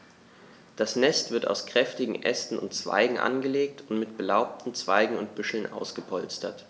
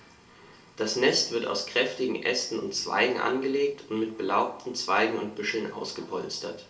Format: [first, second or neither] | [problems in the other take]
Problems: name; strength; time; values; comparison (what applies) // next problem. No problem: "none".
first | room echo; dies away in 0.3 s